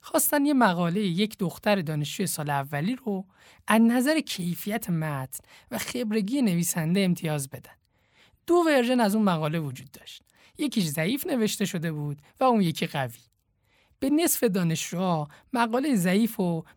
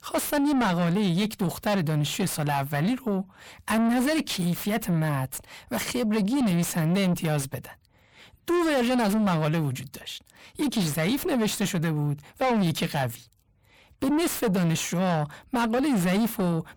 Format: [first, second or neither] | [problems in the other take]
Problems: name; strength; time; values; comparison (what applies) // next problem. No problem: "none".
first | distortion; heavy; 7 dB below the speech